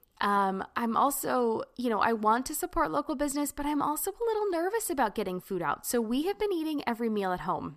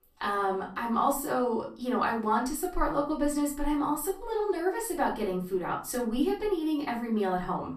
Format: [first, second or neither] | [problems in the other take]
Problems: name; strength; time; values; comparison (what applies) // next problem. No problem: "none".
first | room echo; slight; dies away in 0.3 s // off-mic speech; far